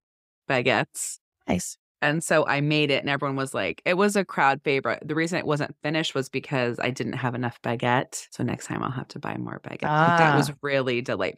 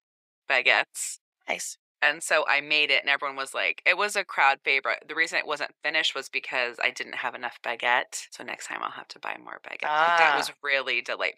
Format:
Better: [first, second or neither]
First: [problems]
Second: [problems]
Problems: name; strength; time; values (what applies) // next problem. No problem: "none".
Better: first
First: none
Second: thin; very; fading below 750 Hz